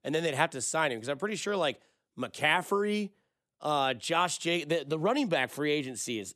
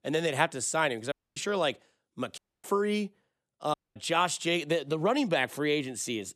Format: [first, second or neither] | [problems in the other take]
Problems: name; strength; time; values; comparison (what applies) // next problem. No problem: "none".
first | audio cutting out; at 1 s, at 2.5 s and at 3.5 s